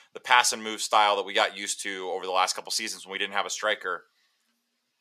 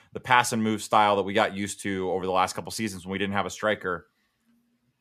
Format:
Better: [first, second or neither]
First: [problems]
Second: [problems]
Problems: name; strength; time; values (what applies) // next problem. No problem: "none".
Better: second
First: thin; somewhat; fading below 500 Hz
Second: none